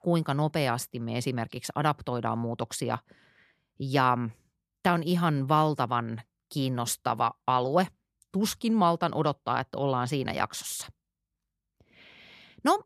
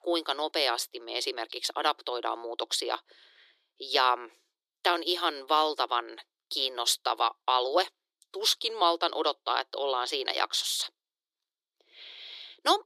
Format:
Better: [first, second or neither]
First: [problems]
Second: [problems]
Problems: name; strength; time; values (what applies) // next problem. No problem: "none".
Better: first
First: none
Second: thin; very; fading below 350 Hz